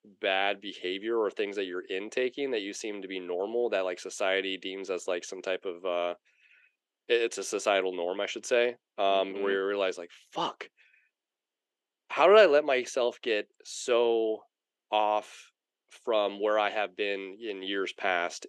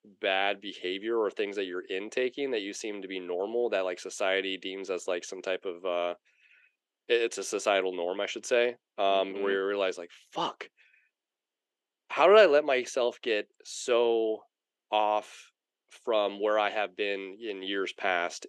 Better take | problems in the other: neither | thin; very; fading below 350 Hz; the same in both

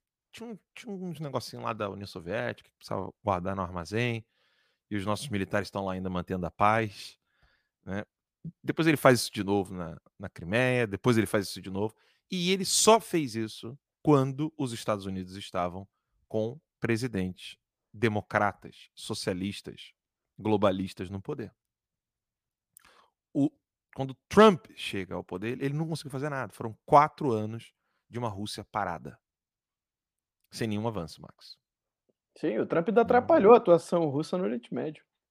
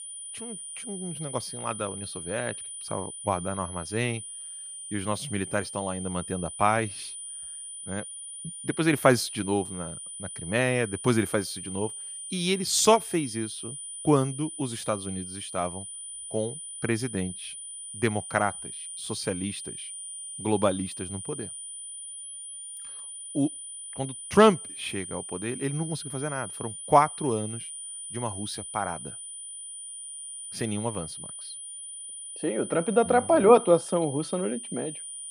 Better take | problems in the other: first | high-pitched whine; loud; throughout; 9.5 kHz, 9 dB below the speech

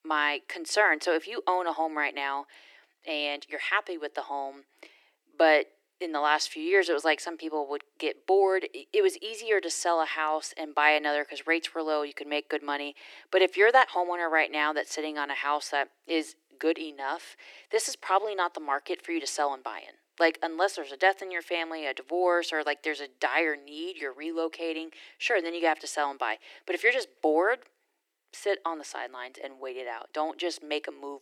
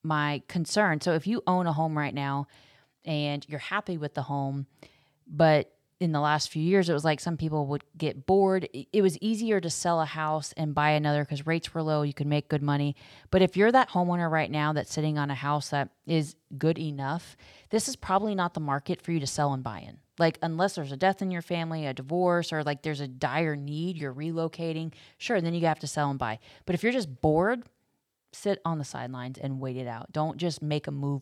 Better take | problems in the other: second | thin; very; fading below 300 Hz

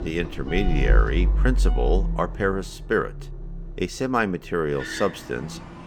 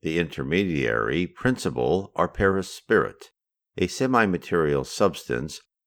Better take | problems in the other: second | traffic noise; very loud; throughout; as loud as the speech

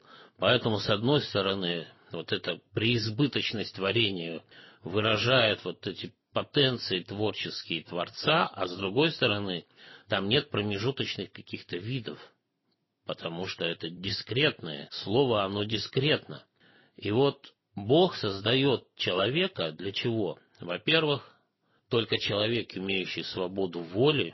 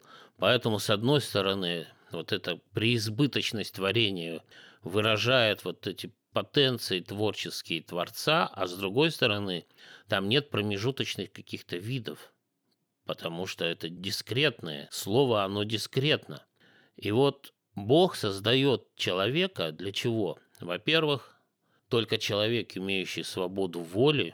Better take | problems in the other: second | garbled, watery; slightly; nothing above 5.5 kHz

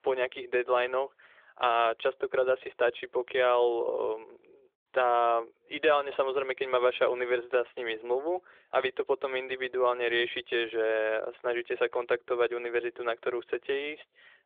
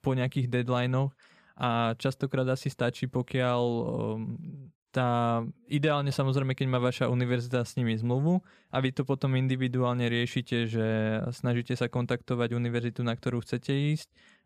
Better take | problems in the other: second | phone-call audio; nothing above 3.5 kHz

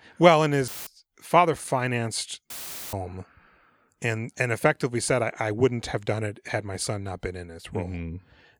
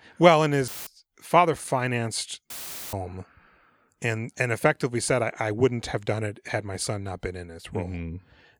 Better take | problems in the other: neither | audio cutting out; filled with static; at 0.5 s and at 2.5 s; the same in both

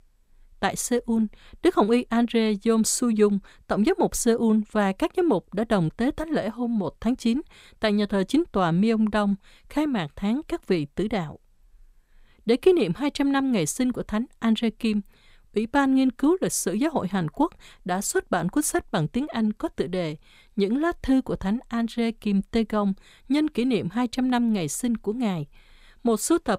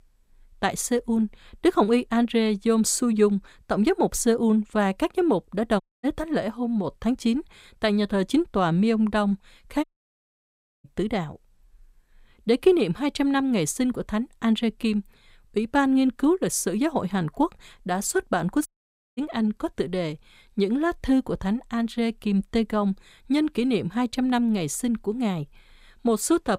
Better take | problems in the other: first | audio cutting out; at 6 s, at 10 s for 1 s and at 19 s for 0.5 s

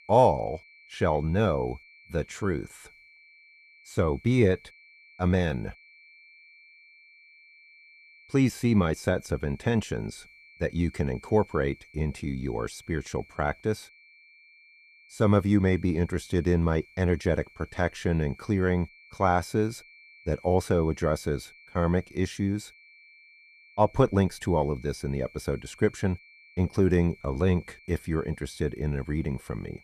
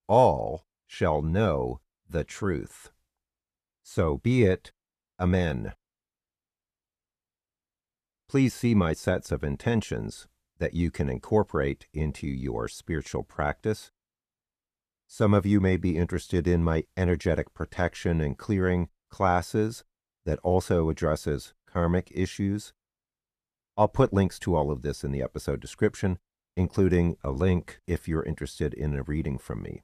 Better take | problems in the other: second | high-pitched whine; faint; throughout; 2.5 kHz, 25 dB below the speech

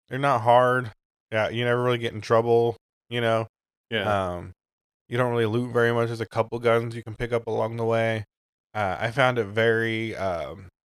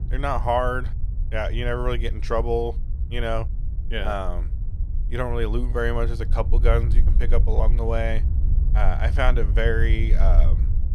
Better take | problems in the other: first | low rumble; noticeable; throughout; 15 dB below the speech

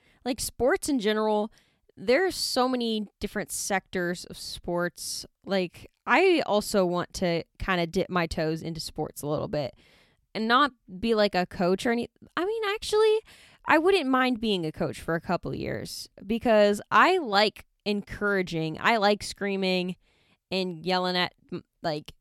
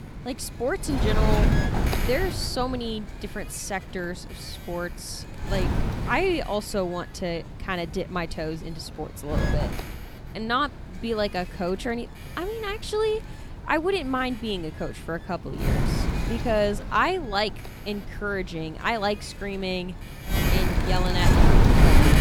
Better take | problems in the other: first | wind noise on the microphone; heavy; 2 dB below the speech

